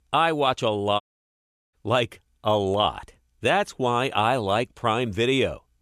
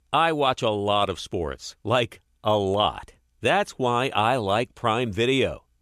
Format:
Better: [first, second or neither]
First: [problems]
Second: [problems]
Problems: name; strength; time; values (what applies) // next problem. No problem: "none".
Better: second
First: audio cutting out; at 1 s for 0.5 s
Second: none